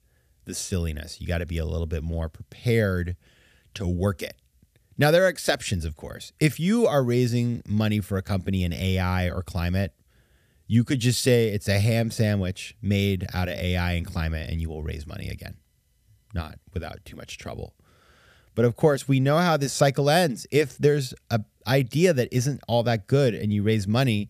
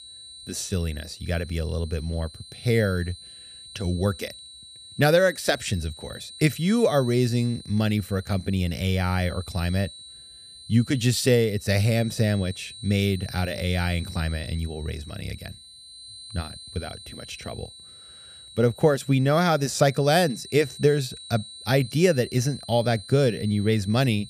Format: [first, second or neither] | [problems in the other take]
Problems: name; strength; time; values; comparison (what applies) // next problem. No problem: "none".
first | high-pitched whine; noticeable; throughout; 4 kHz, 15 dB below the speech